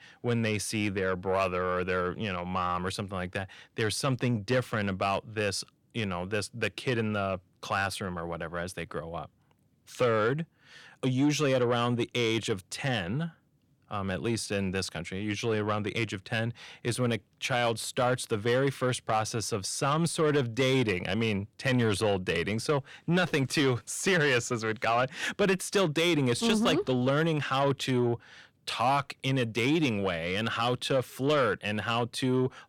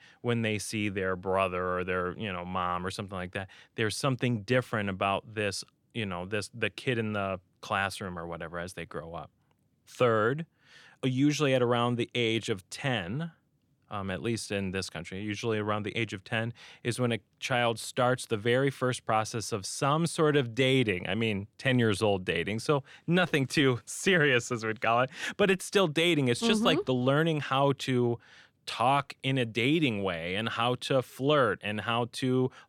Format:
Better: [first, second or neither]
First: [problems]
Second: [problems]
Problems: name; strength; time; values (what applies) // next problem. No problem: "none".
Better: second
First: distortion; slight; 10 dB below the speech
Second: none